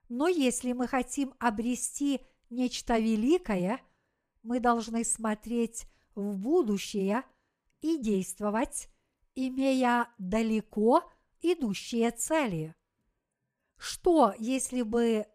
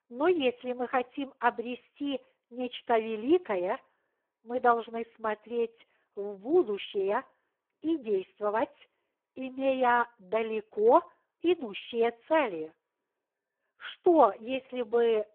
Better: first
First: none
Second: phone-call audio; poor line

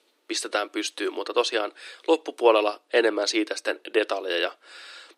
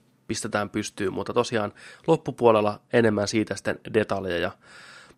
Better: second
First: thin; very; fading below 300 Hz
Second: none

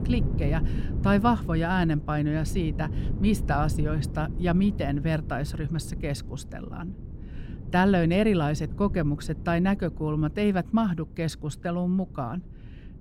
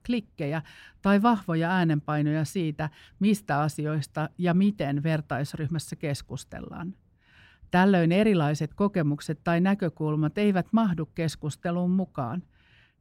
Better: second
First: wind noise on the microphone; occasional gusts; 15 dB below the speech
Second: none

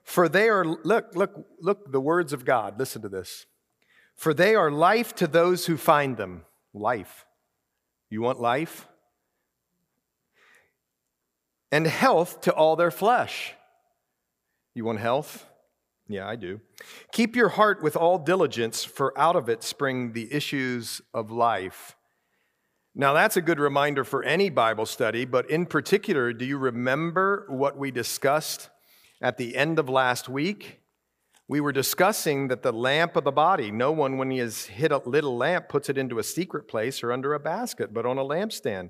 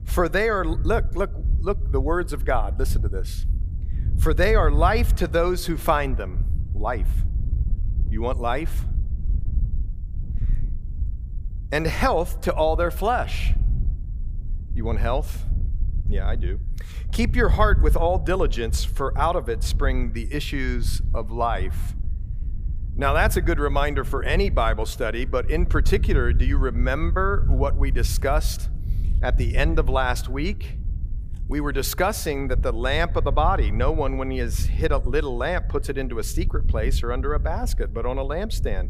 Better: first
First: none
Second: wind noise on the microphone; occasional gusts; 20 dB below the speech

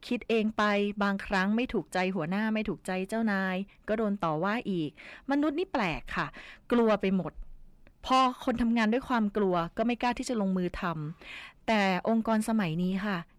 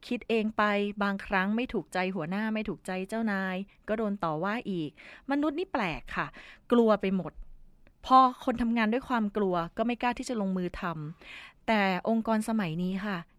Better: second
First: distortion; slight; 10 dB below the speech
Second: none

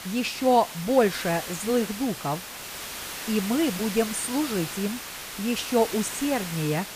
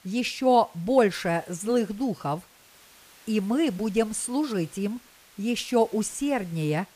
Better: second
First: hiss; loud; throughout; 8 dB below the speech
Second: hiss; faint; throughout; 25 dB below the speech

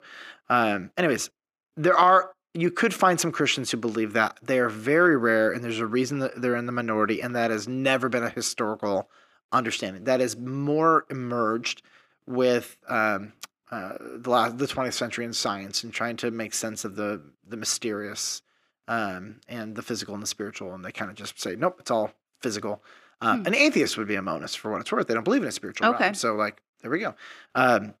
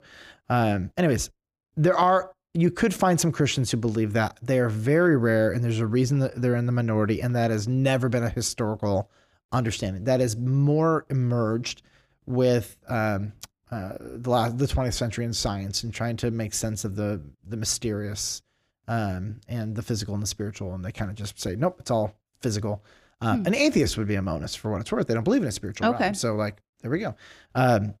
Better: second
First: thin; somewhat; fading below 250 Hz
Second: none

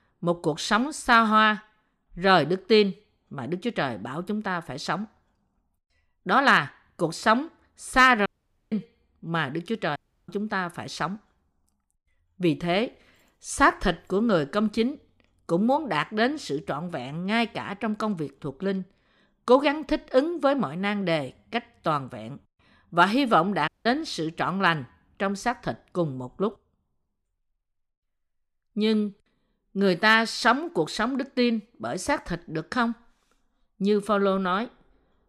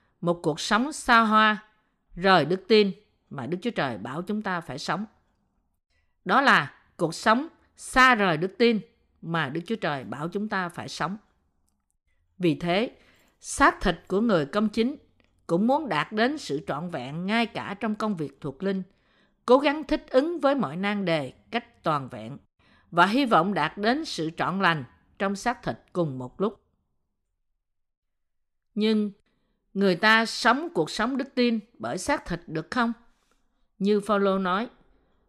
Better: second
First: audio cutting out; at 8.5 s, at 10 s and at 24 s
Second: none

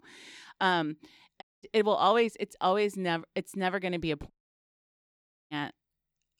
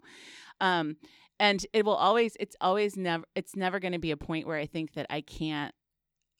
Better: second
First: audio cutting out; at 1.5 s and at 4.5 s for 1 s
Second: none

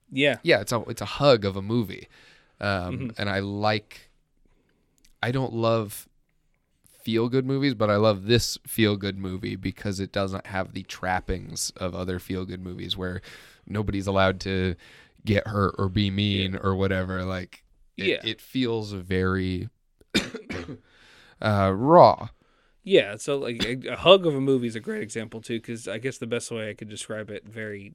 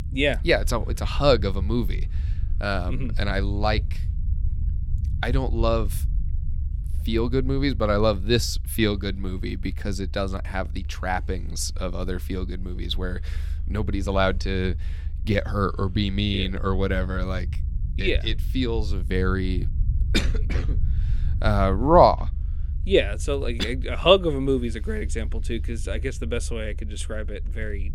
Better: first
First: none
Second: low rumble; faint; throughout; 25 dB below the speech

